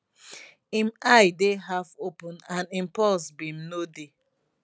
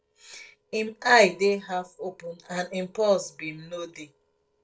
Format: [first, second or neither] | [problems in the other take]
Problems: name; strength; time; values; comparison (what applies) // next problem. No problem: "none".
first | noise reduction (neural separator model SepFormer DNS4)